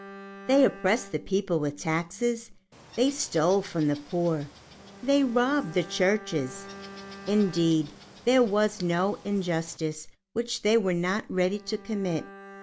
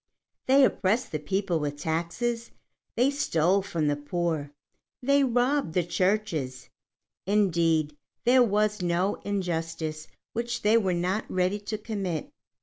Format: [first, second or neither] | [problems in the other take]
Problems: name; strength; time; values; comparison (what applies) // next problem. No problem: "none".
second | background sound (Water / Bird + Bowed string instrument); 19 dB below the speech